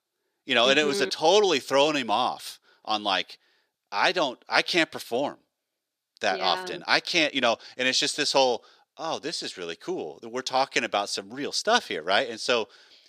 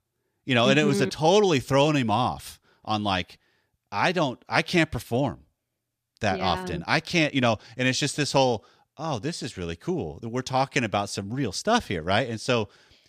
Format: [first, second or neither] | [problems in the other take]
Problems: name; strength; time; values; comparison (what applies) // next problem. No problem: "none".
second | thin; somewhat; fading below 400 Hz